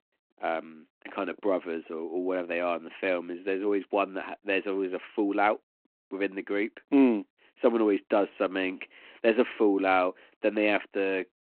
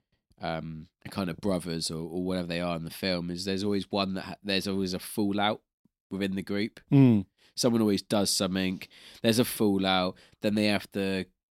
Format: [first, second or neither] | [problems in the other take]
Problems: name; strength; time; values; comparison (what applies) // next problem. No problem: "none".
second | phone-call audio